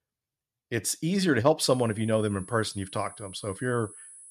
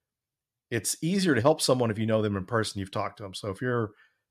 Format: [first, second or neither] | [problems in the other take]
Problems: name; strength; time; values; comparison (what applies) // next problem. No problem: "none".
second | high-pitched whine; noticeable; from 1.5 s on; 10.5 kHz, 15 dB below the speech